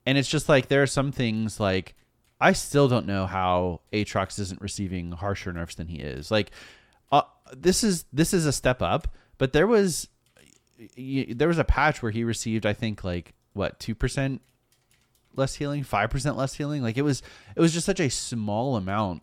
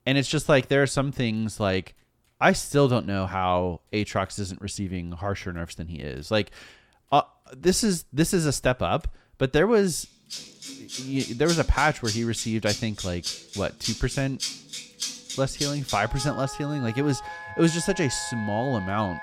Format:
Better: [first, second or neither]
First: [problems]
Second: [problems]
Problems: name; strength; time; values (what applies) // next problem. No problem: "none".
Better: first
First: none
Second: background music; loud; from 10 s on; 8 dB below the speech